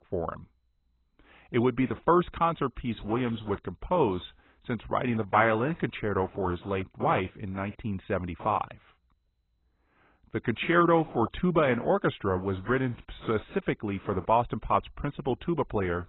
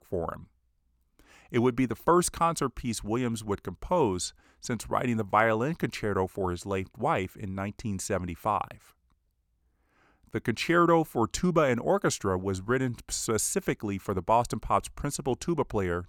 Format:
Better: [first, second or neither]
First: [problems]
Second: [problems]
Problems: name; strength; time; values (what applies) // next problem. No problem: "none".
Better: second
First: garbled, watery; badly; nothing above 4 kHz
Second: none